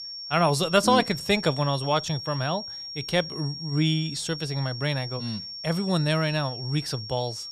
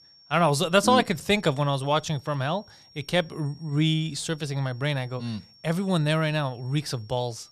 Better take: second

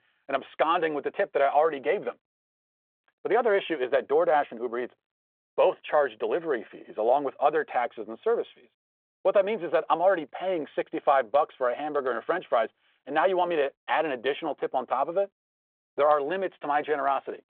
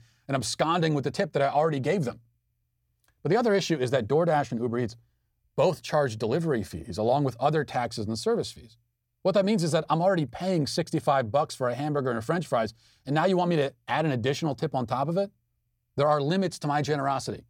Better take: second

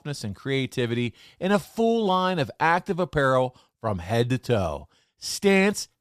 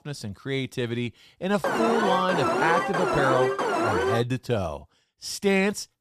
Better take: first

